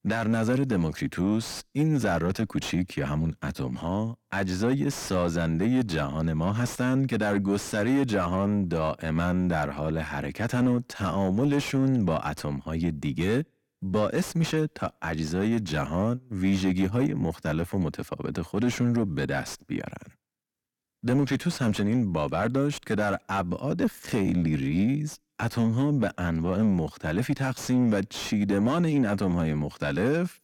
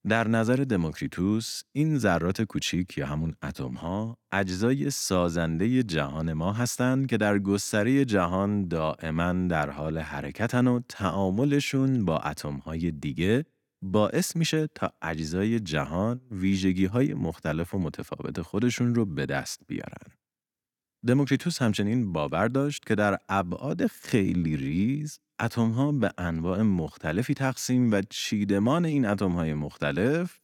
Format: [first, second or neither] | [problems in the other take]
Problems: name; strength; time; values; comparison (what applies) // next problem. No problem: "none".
second | distortion; slight; 10 dB below the speech